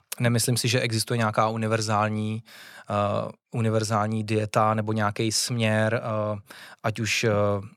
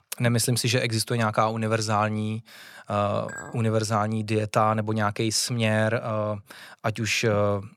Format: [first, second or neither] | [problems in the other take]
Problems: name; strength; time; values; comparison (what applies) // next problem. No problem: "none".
first | clattering dishes; faint; at 3.5 s; peak 15 dB below the speech